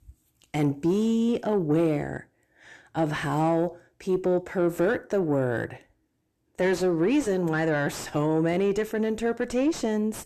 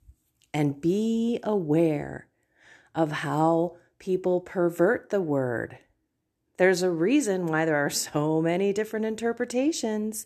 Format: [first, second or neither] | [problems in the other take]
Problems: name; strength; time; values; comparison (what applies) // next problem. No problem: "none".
second | distortion; slight; 10 dB below the speech